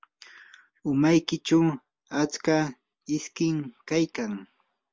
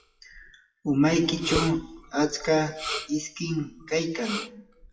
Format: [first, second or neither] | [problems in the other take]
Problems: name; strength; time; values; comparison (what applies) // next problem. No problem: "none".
first | noise reduction (classical method WPE with log-MMSE)